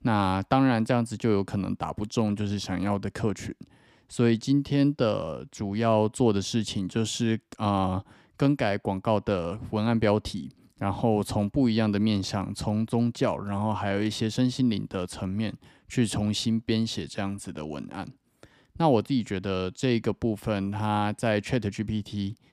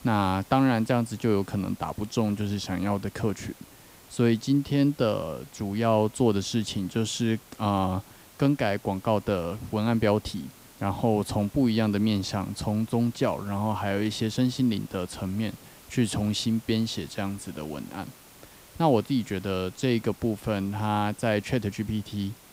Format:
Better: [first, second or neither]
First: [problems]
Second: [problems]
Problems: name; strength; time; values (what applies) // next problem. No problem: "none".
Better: first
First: none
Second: hiss; faint; throughout; 25 dB below the speech